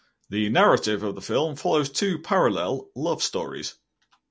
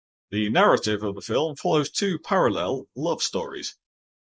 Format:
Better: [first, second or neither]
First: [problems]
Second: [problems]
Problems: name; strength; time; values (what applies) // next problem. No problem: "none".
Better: first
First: none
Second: noise reduction (neural mask model Resemble Enhance denoiser)